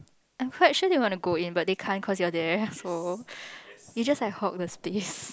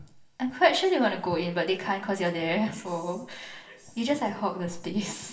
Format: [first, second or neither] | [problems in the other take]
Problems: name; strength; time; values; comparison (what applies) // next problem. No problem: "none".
first | room echo; dies away in 0.9 s